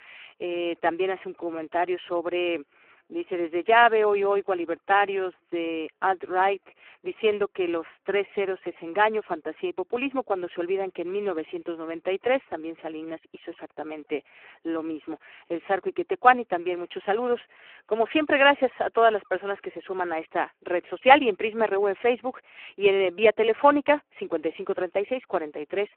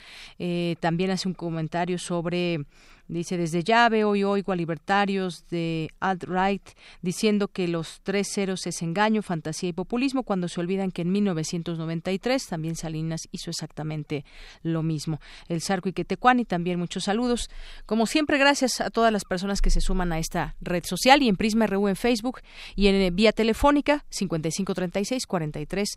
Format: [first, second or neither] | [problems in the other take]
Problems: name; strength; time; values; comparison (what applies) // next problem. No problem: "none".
second | phone-call audio; poor line